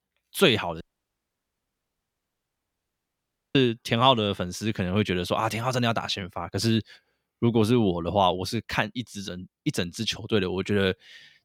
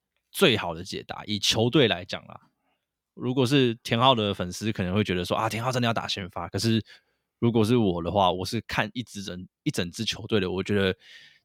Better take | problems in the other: second | audio cutting out; at 1 s for 2.5 s

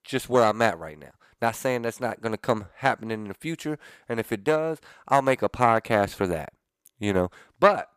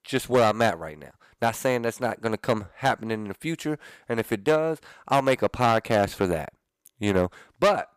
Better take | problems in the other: first | distortion; slight; 2% of the sound clipped

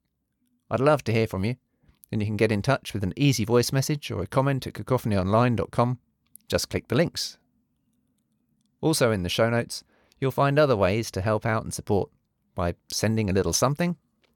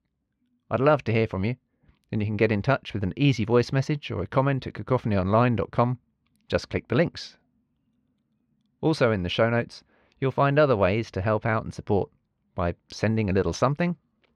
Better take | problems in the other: first | muffled; slightly; fading above 2.5 kHz

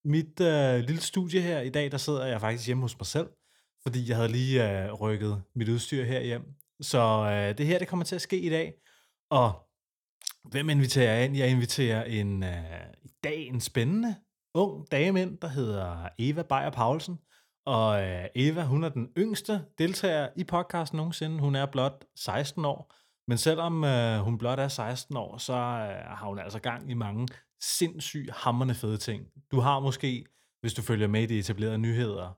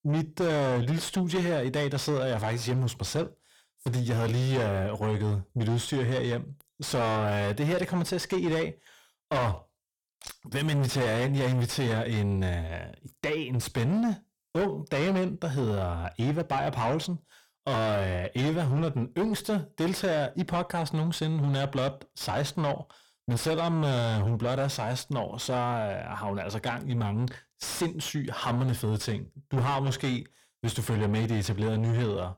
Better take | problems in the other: first | distortion; heavy; 7 dB below the speech

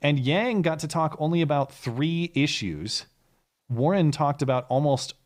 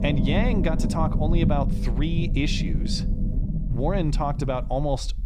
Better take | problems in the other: first | low rumble; loud; throughout; 7 dB below the speech

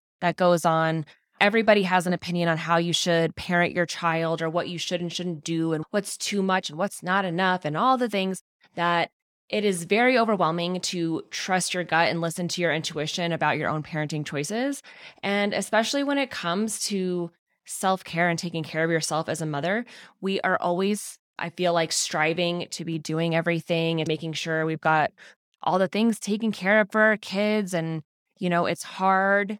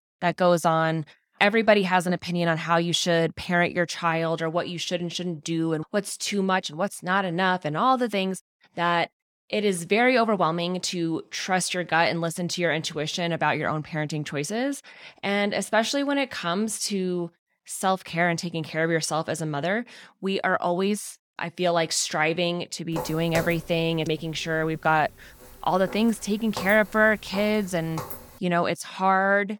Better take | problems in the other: first | footsteps; noticeable; from 23 to 28 s; peak 7 dB below the speech

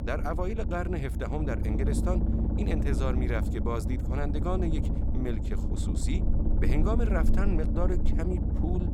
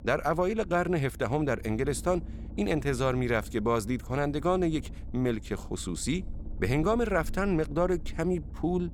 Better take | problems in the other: second | low rumble; loud; throughout; 4 dB below the speech; faint in the second

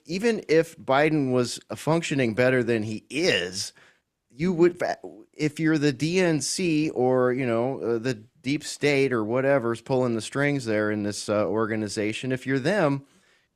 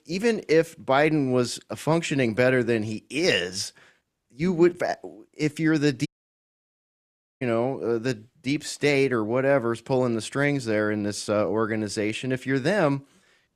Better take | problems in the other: first | audio cutting out; at 6 s for 1.5 s

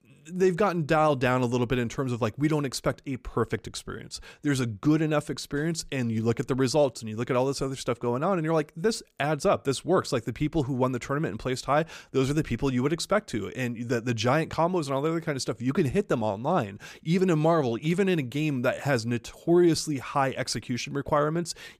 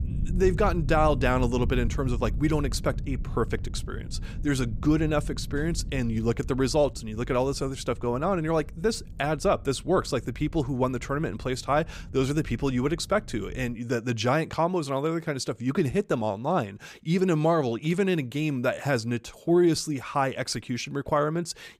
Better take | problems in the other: first | low rumble; faint; until 14 s; 20 dB below the speech

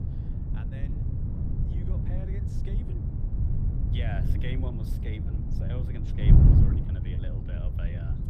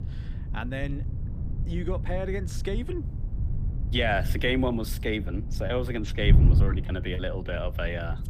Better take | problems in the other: second | wind noise on the microphone; heavy; 5 dB above the speech; occasional gusts in the second

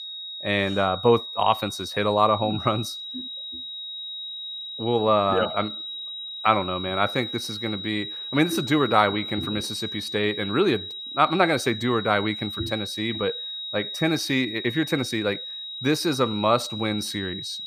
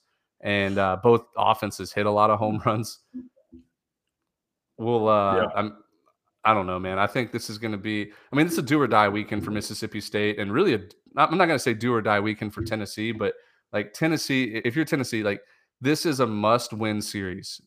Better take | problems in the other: second | high-pitched whine; loud; throughout; 4 kHz, 7 dB below the speech

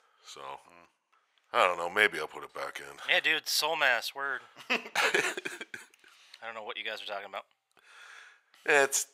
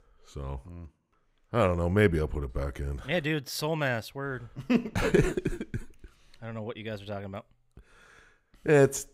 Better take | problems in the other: second | thin; very; fading below 850 Hz

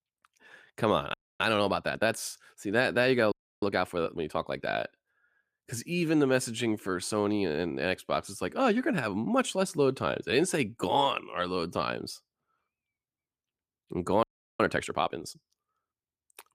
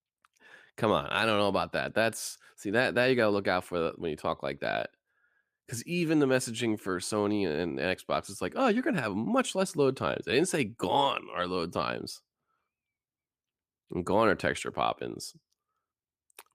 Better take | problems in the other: second | audio freezing; at 1 s, at 3.5 s and at 14 s

